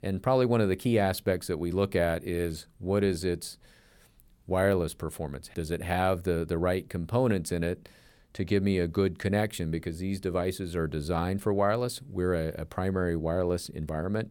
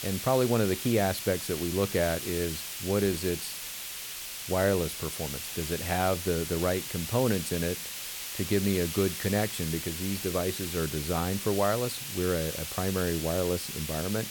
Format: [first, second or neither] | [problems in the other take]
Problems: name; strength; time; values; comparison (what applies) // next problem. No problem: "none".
first | hiss; loud; throughout; 5 dB below the speech